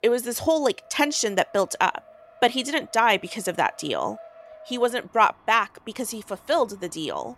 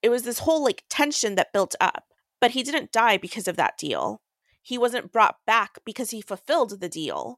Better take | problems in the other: second | traffic noise; faint; throughout; 25 dB below the speech

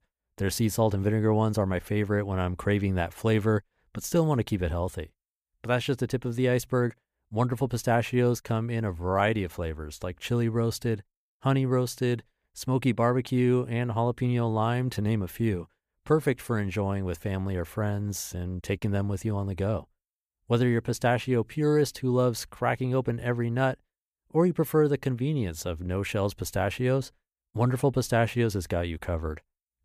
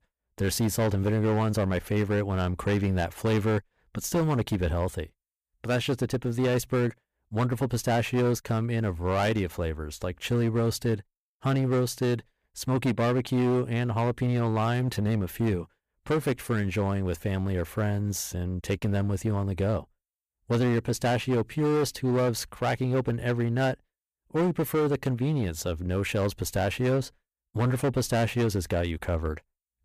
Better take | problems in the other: first | distortion; slight; 11% of the sound clipped

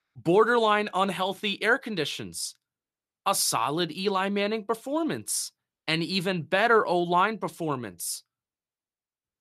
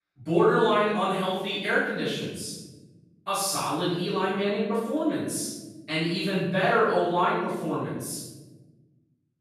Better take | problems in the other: first | off-mic speech; far // room echo; strong; dies away in 1.2 s

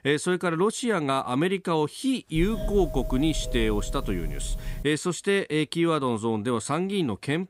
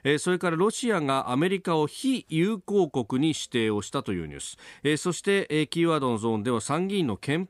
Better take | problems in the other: second | doorbell; noticeable; from 2.5 to 5 s; peak 7 dB below the speech

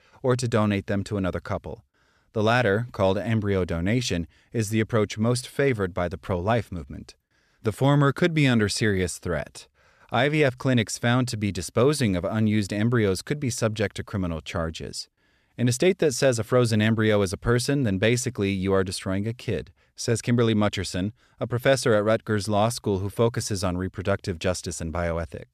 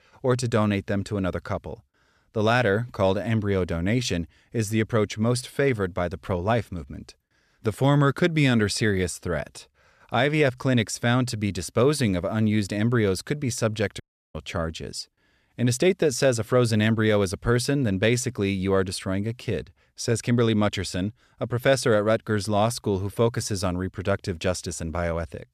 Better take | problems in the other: first | audio cutting out; at 14 s

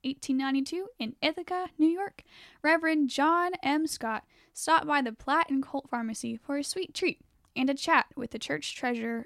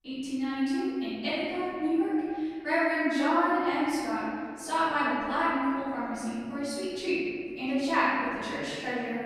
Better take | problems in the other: first | off-mic speech; far // room echo; strong; dies away in 2.2 s

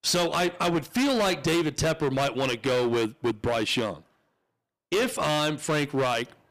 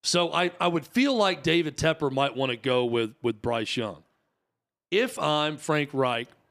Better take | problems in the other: second | distortion; heavy; 19% of the sound clipped

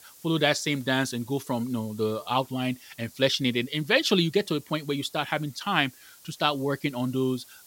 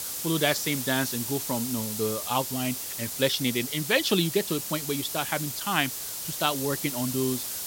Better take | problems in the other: first | hiss; loud; throughout; 3 dB below the speech; faint in the first

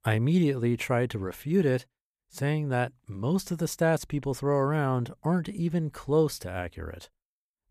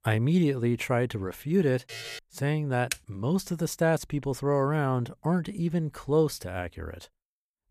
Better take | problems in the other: first | alarm; noticeable; at 2 s; peak 10 dB below the speech // keyboard typing; very faint; at 3 s; peak 7 dB below the speech

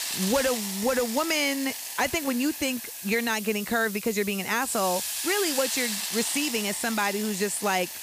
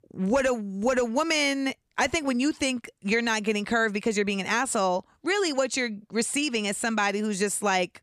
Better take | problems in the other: second | hiss; loud; throughout; 4 dB below the speech

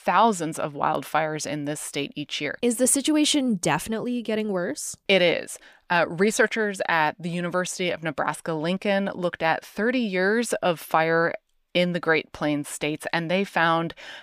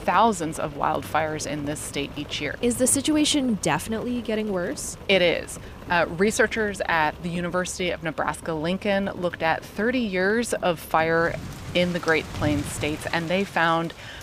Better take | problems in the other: first | rain or running water; noticeable; throughout; 15 dB below the speech

